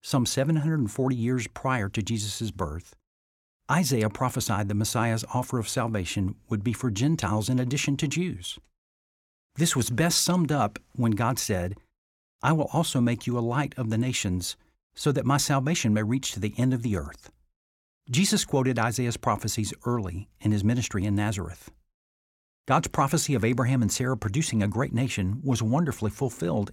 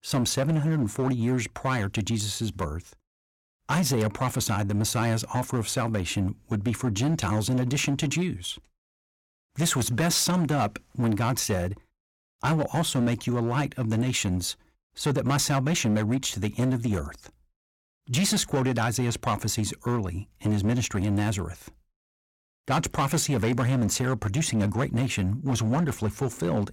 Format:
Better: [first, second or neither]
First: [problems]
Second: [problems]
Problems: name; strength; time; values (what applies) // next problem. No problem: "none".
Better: first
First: none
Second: distortion; slight; 10% of the sound clipped